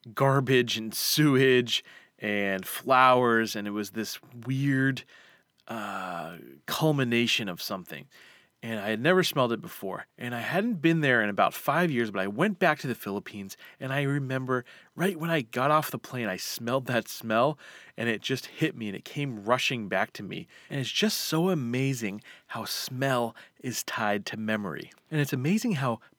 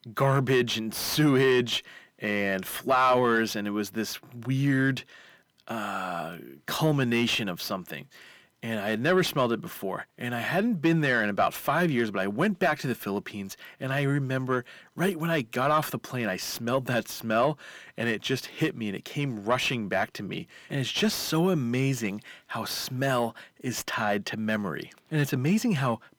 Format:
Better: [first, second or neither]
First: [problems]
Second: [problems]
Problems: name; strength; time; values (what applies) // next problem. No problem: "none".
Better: first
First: none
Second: distortion; slight; 10 dB below the speech